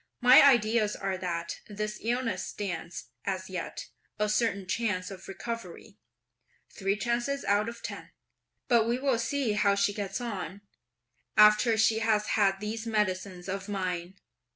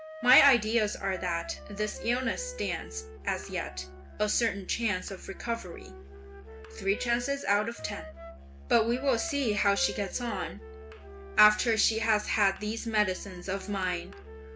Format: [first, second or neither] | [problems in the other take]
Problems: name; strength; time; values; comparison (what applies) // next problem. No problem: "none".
first | background sound (Musical instrument + Wind instrument, woodwind instrument); 13 dB below the speech